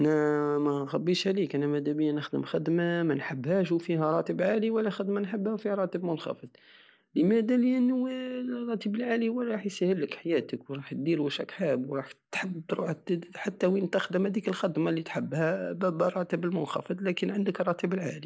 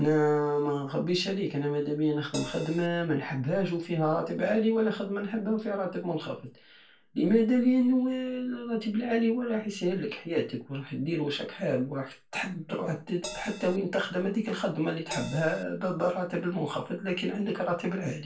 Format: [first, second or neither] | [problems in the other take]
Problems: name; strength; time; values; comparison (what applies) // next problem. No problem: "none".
first | background sound (Crash cymbal); 11 dB below the speech // room echo; dies away in 0.3 s